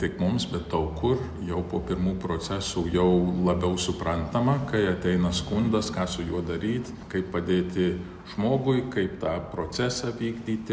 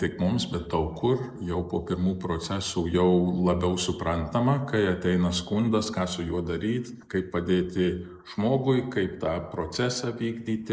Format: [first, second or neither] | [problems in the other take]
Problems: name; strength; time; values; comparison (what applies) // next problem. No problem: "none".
first | noise reduction (neural mask model Resemble Enhance denoiser)